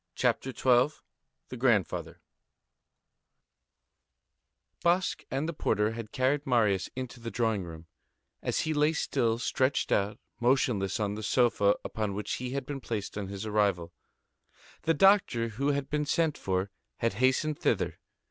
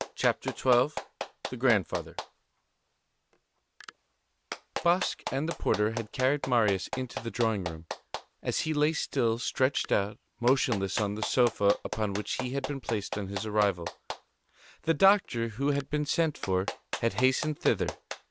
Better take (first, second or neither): first